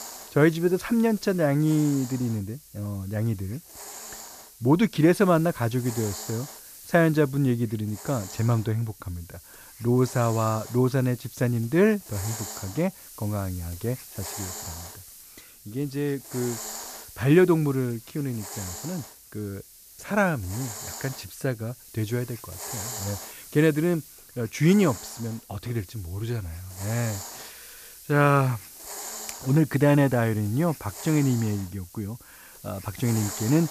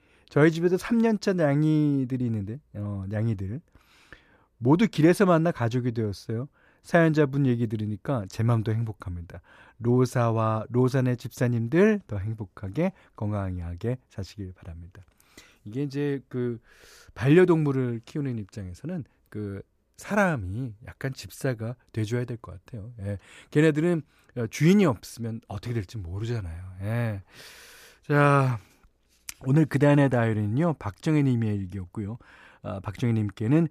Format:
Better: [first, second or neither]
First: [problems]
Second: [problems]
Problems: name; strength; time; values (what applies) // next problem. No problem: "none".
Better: second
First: hiss; noticeable; throughout; 15 dB below the speech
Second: none